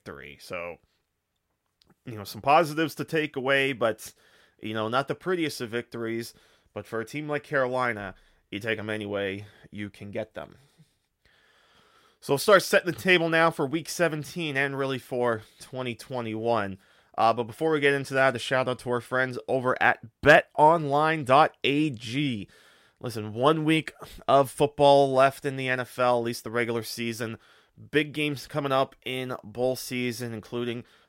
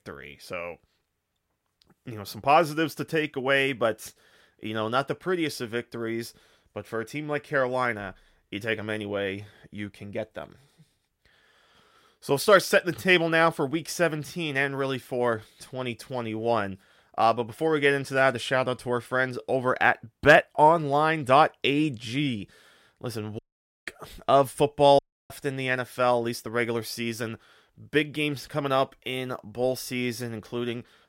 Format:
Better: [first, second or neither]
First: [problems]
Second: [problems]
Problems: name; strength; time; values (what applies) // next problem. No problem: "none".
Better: first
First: none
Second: audio cutting out; at 23 s and at 25 s